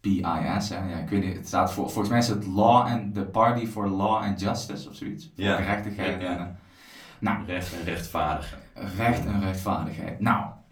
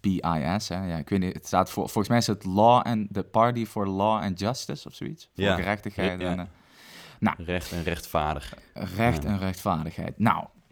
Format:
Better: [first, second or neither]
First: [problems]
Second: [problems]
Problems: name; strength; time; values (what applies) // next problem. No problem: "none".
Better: second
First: off-mic speech; far // room echo; very slight; dies away in 0.3 s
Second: none